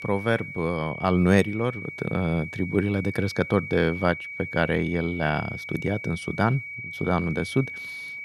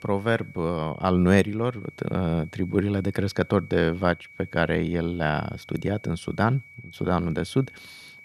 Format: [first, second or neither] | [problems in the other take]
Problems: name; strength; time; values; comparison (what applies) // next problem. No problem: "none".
second | high-pitched whine; loud; throughout; 2.5 kHz, 9 dB below the speech; faint in the second